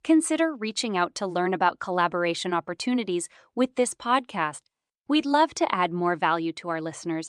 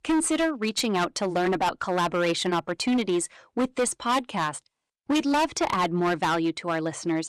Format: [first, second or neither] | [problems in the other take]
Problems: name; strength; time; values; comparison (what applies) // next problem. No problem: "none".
first | distortion; heavy; 14% of the sound clipped